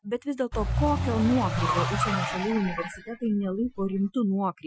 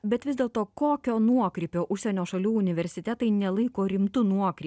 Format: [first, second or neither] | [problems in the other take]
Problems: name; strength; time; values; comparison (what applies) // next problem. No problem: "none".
second | noise reduction (classical method Wiener filter)